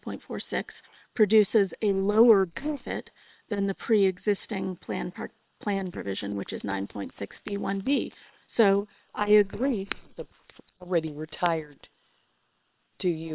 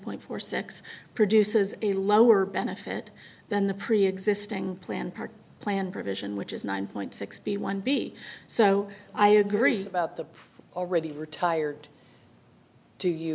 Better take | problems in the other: second | noise reduction (neural separator model SepFormer WHAM!)

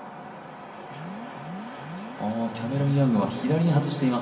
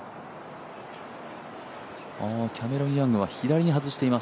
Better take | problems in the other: second | background sound (Alarm); 14 dB below the speech // room echo; dies away in 2.3 s

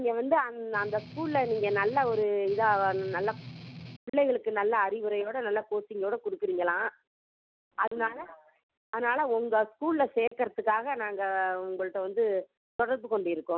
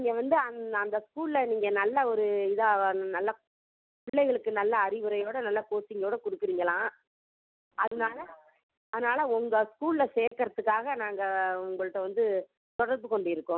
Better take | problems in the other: second | background sound (Strum); 14 dB below the speech

